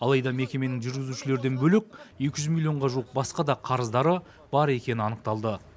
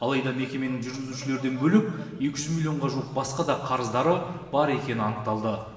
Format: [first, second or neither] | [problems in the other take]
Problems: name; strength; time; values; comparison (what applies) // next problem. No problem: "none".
first | room echo; dies away in 1.3 s